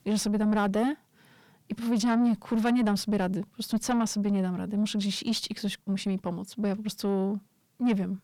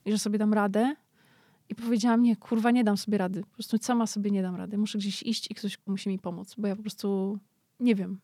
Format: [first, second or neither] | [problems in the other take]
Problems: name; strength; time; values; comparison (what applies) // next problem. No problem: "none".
second | distortion; slight; 10 dB below the speech